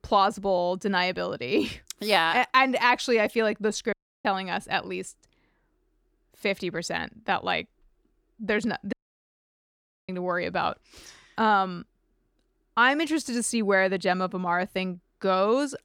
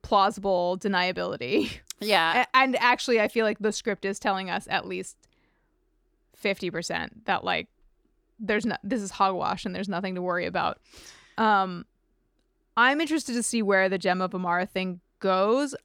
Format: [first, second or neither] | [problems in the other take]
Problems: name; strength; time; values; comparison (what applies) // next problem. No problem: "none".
second | audio cutting out; at 4 s and at 9 s for 1 s